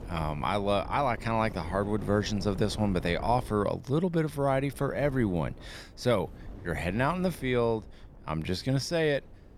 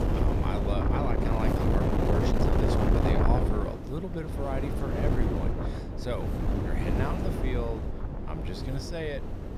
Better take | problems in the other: first | wind noise on the microphone; heavy; 3 dB above the speech; occasional gusts in the first

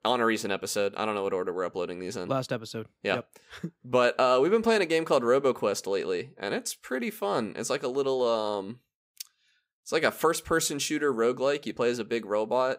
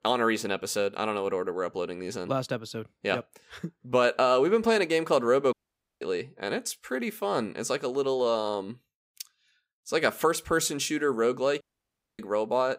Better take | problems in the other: first | audio cutting out; at 5.5 s and at 12 s for 0.5 s

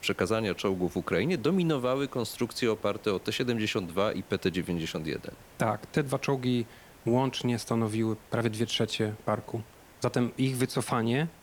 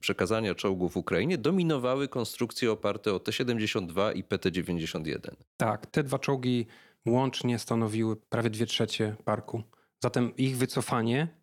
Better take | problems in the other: second | hiss; faint; throughout; 25 dB below the speech

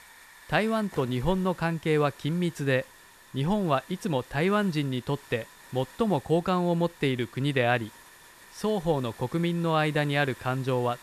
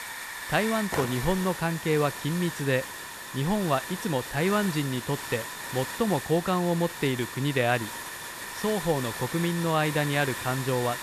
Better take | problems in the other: first | hiss; loud; throughout; 7 dB below the speech; faint in the first

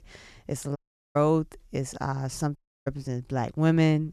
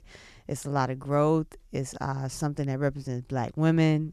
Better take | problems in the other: second | audio cutting out; at 1 s and at 2.5 s

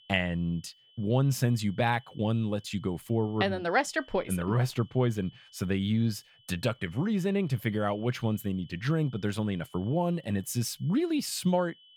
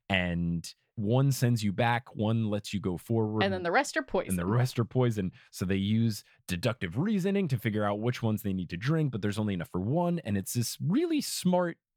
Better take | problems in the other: second | high-pitched whine; faint; throughout; 3 kHz, 25 dB below the speech

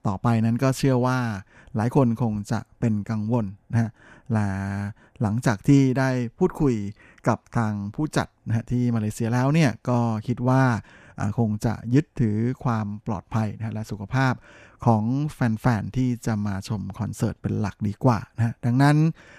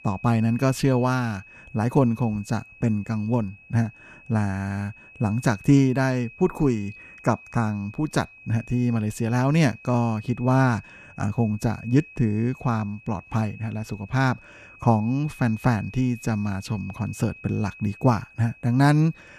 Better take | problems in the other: first | high-pitched whine; faint; throughout; 2.5 kHz, 20 dB below the speech

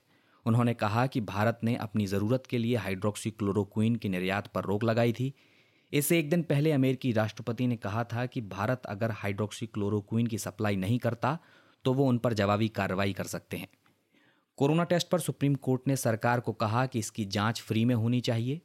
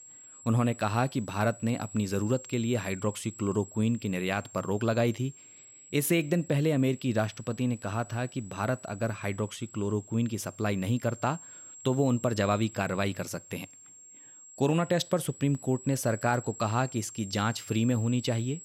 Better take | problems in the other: first | high-pitched whine; noticeable; throughout; 7.5 kHz, 15 dB below the speech

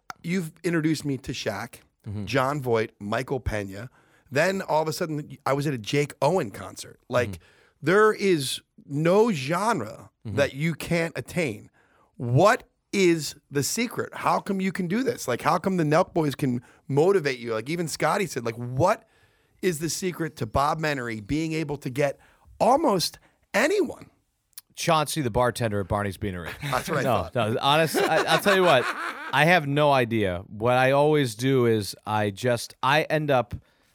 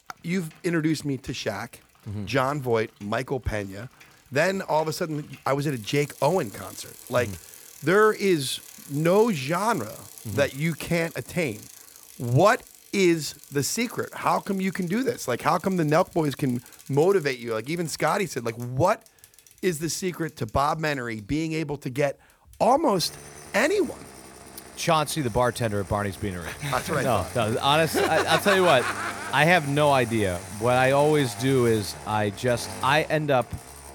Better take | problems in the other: first | traffic noise; noticeable; throughout; 15 dB below the speech

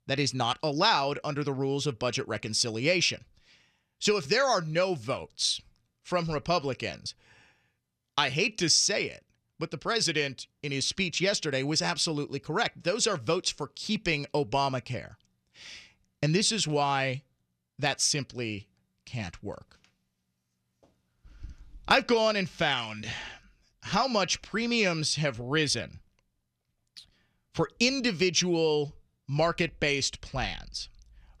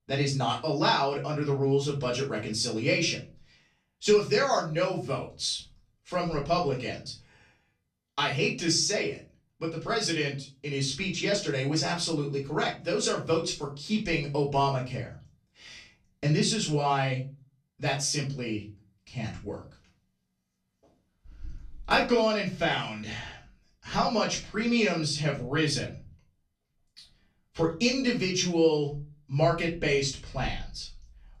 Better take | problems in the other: first | off-mic speech; far // room echo; slight; dies away in 0.3 s

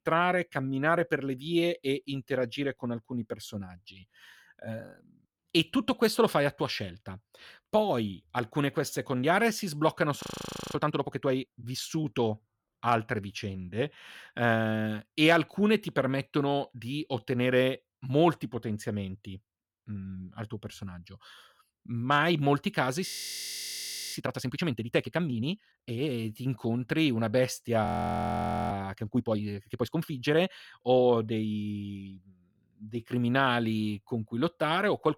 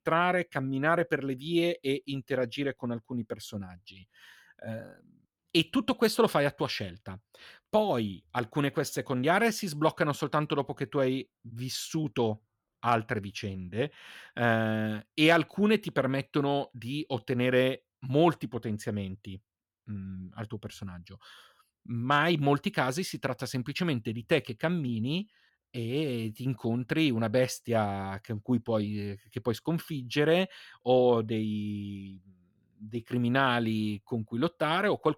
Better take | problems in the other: second | audio freezing; at 10 s for 0.5 s, at 23 s for 1 s and at 28 s for 1 s

